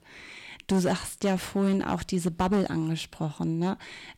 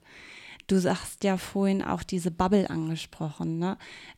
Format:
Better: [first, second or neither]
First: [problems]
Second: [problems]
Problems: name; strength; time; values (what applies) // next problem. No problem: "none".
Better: second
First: distortion; slight; 5% of the sound clipped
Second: none